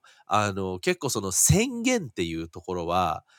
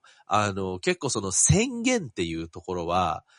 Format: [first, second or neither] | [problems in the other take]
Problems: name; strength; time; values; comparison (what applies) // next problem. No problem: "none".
first | garbled, watery; slightly; nothing above 10.5 kHz